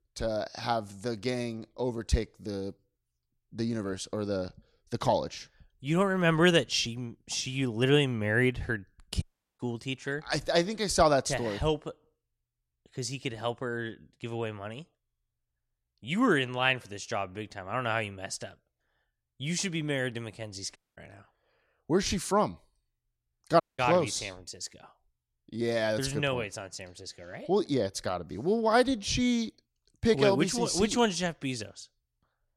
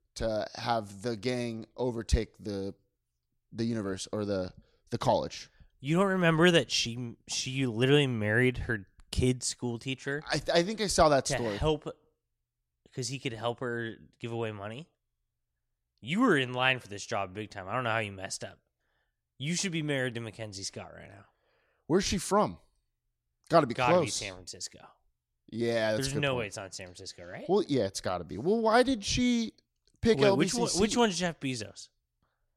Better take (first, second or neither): second